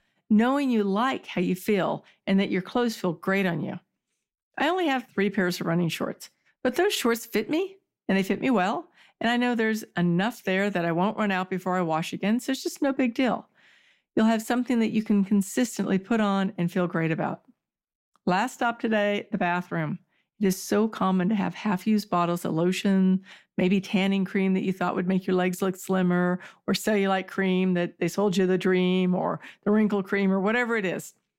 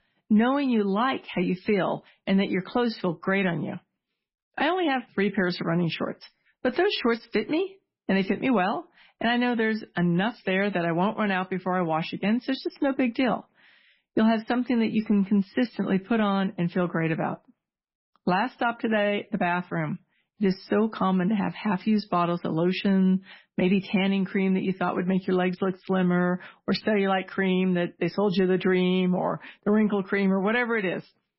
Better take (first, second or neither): first